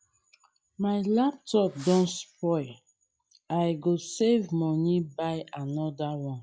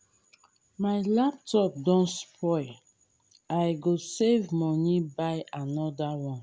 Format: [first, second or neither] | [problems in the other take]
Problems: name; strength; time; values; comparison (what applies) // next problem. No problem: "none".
second | noise reduction (classical method log-MMSE)